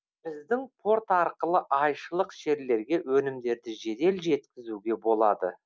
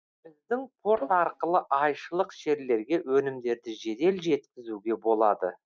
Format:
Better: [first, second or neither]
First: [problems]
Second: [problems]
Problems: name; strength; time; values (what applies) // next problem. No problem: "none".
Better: first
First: none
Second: noise reduction (neural mask model DeepFilterNet 3)